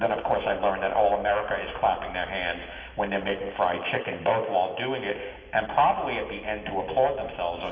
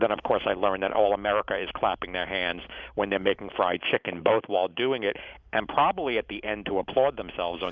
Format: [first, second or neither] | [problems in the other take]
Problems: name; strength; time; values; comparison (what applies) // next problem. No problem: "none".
second | room echo; dies away in 2.1 s